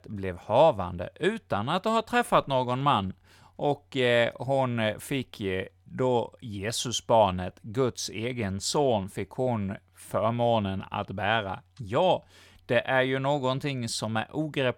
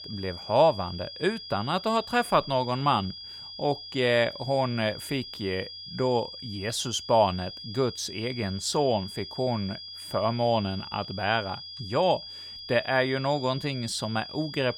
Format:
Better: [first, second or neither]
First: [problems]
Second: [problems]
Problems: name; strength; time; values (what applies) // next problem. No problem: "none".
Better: first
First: none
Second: high-pitched whine; noticeable; throughout; 5 kHz, 10 dB below the speech